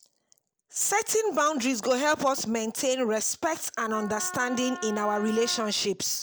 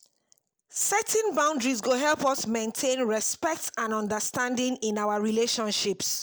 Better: second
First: background sound (Wind instrument, woodwind instrument); 13 dB below the speech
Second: none

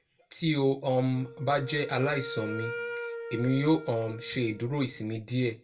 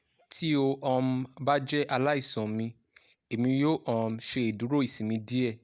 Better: second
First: background sound (Wind instrument, woodwind instrument); 12 dB below the speech // room echo; dies away in 0.2 s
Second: none

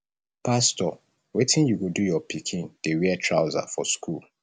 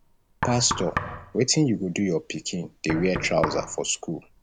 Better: first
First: none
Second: background sound (Knock); 8 dB below the speech

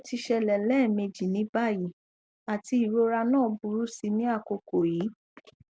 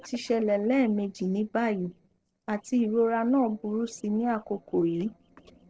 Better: first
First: none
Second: noise reduction (neural separator model SepFormer DNS4)

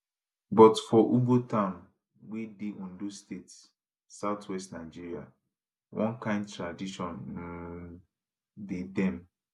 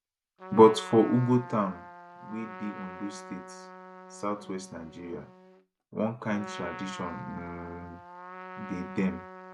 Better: first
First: none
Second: background sound (Trumpet); 14 dB below the speech

